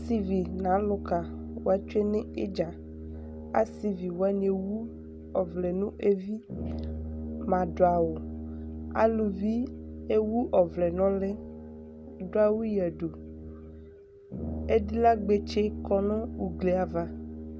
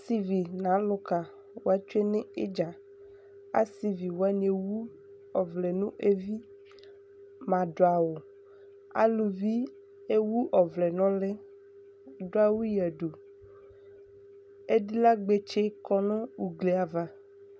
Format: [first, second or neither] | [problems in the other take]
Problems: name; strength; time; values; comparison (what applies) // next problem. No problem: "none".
second | background sound (Brass instrument); 10 dB below the speech